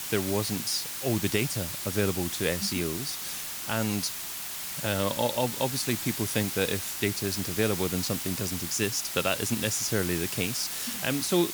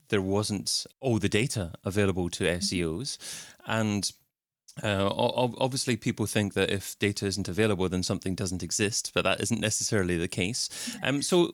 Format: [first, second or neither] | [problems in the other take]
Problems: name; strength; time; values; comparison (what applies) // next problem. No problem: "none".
second | hiss; loud; throughout; 3 dB below the speech